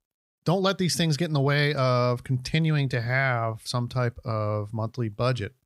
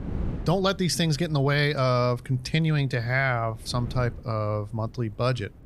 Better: first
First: none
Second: wind noise on the microphone; occasional gusts; 25 dB below the speech

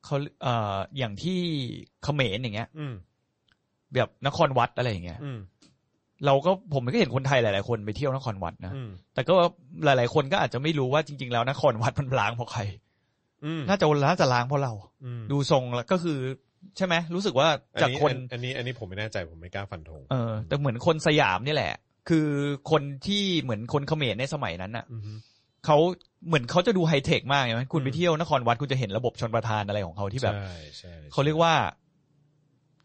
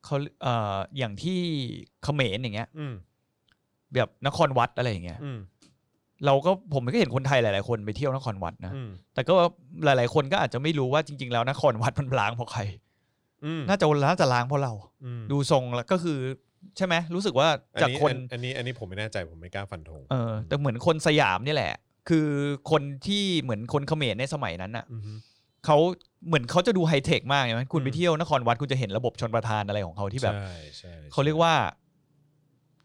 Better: second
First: garbled, watery; slightly; nothing above 8 kHz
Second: none

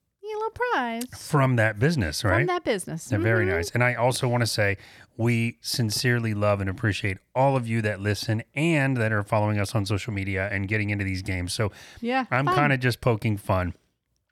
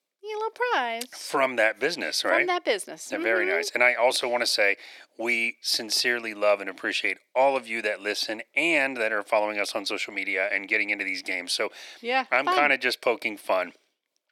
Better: first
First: none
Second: thin; very; fading below 300 Hz

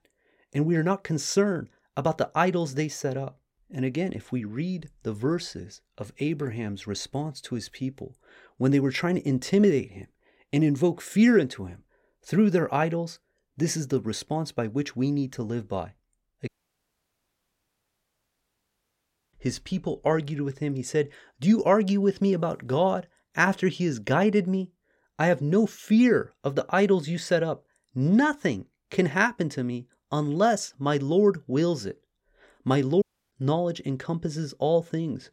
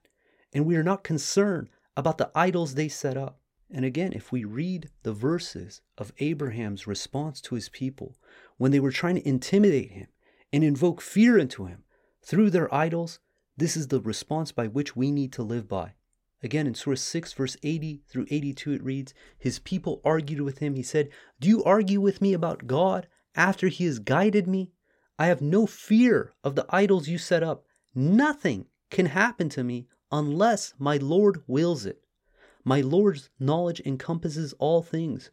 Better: second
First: audio cutting out; at 16 s for 3 s and at 33 s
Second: none

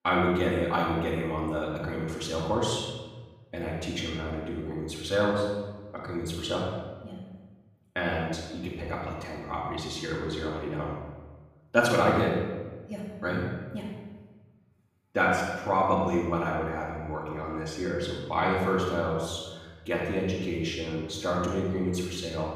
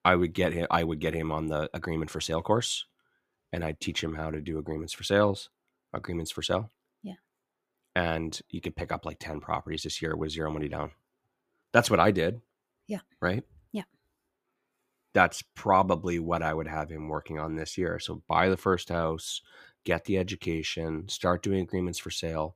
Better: second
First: room echo; noticeable; dies away in 1.1 s // off-mic speech; far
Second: none

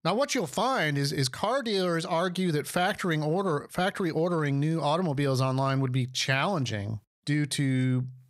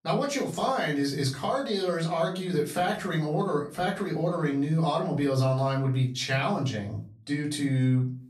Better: first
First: none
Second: off-mic speech; far // room echo; slight; dies away in 0.3 s

